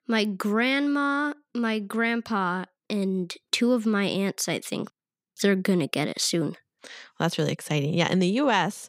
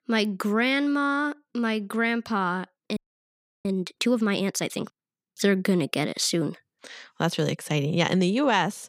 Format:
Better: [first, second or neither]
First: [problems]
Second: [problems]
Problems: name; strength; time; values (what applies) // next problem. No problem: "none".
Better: first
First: none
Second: audio freezing; at 3 s for 0.5 s